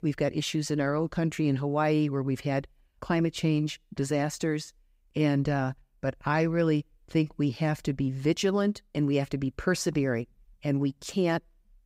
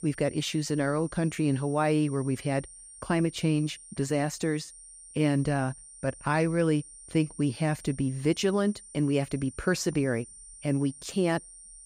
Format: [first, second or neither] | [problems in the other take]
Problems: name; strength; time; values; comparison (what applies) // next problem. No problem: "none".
first | high-pitched whine; noticeable; throughout; 9 kHz, 15 dB below the speech